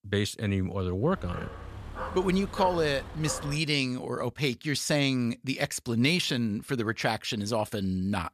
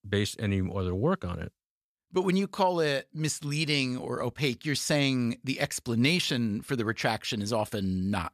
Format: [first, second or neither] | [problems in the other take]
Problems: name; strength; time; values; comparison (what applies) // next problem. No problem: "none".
second | dog barking; noticeable; from 1 to 3.5 s; peak 9 dB below the speech